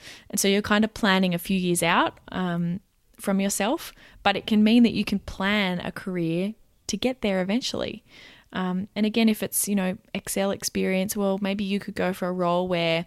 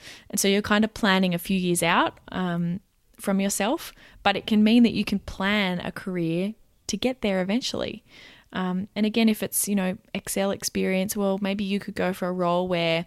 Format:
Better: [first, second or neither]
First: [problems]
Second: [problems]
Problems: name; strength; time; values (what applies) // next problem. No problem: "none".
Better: neither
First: none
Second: none